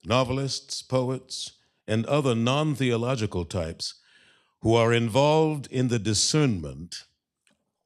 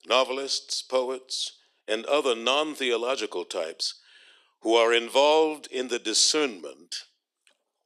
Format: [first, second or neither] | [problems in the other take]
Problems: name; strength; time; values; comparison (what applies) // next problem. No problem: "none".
first | thin; very; fading below 350 Hz